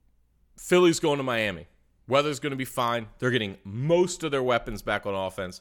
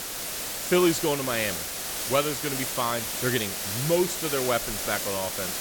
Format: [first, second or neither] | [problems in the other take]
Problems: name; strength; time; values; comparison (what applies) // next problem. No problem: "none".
first | hiss; loud; throughout; 2 dB below the speech